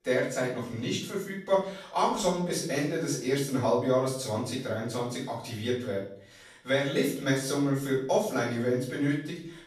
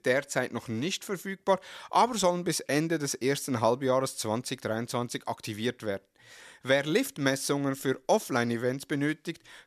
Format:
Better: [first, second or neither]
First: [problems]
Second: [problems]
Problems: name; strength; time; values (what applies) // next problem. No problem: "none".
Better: second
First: off-mic speech; far // room echo; noticeable; dies away in 0.6 s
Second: none